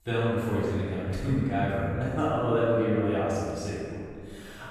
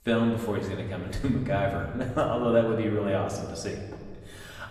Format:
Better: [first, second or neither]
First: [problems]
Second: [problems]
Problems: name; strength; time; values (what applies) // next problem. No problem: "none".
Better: second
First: room echo; strong; dies away in 1.9 s // off-mic speech; far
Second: room echo; slight; dies away in 1.5 s // off-mic speech; far